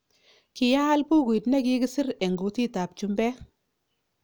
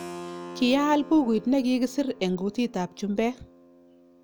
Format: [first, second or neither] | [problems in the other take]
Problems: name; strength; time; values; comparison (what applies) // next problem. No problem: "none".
first | background sound (Keyboard (musical)); 17 dB below the speech